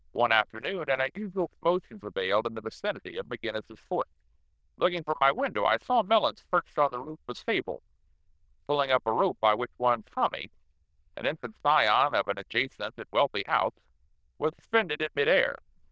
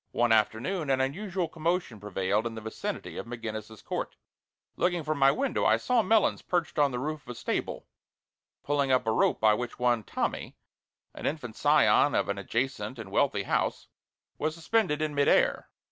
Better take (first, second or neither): second